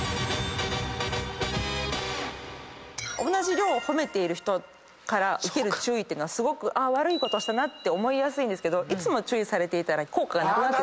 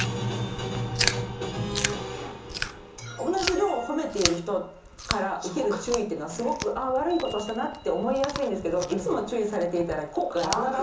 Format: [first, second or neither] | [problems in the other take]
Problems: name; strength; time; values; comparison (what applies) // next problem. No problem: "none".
first | background sound (Chewing, mastication); 7 dB below the speech // room echo; dies away in 0.8 s